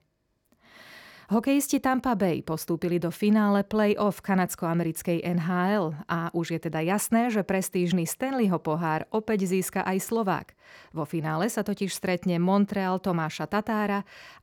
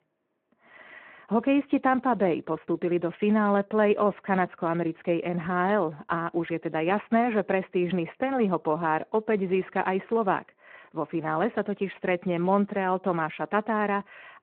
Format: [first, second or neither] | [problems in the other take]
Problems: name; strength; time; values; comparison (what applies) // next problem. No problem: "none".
first | phone-call audio